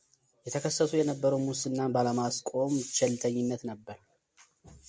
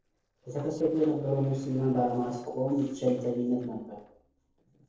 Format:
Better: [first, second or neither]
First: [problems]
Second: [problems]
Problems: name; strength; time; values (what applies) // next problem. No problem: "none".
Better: first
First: none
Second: noise reduction (neural separator model SepFormer DNS4)